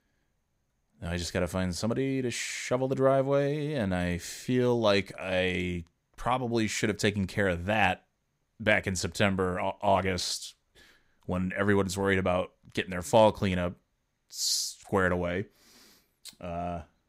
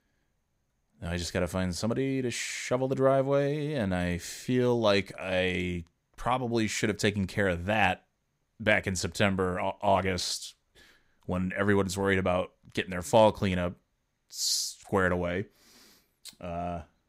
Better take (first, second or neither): neither